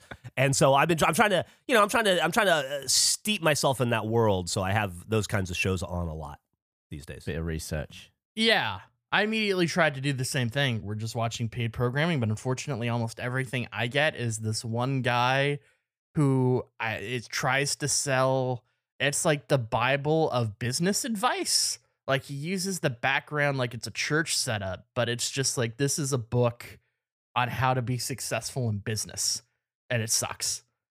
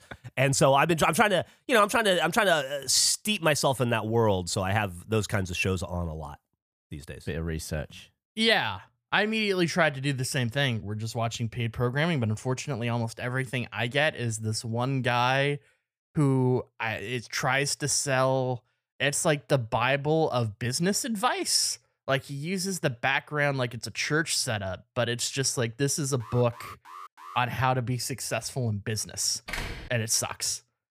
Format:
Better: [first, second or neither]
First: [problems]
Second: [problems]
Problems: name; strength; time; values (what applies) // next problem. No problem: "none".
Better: first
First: none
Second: alarm; faint; from 26 to 27 s; peak 15 dB below the speech // door banging; noticeable; at 29 s; peak 8 dB below the speech